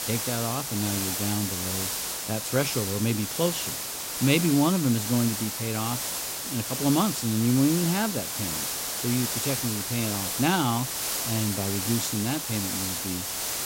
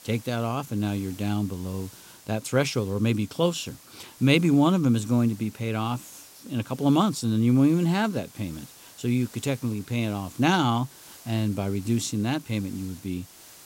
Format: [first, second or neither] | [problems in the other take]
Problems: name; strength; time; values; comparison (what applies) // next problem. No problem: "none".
second | hiss; loud; throughout; 1 dB below the speech; faint in the second